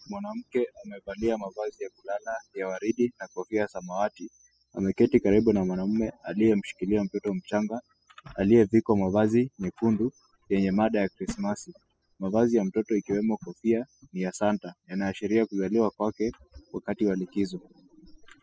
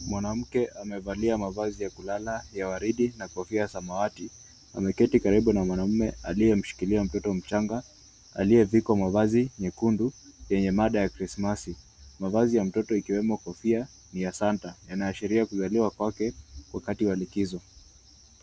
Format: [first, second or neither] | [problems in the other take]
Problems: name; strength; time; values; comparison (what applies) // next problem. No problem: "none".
second | noise reduction (classical method spectral subtraction)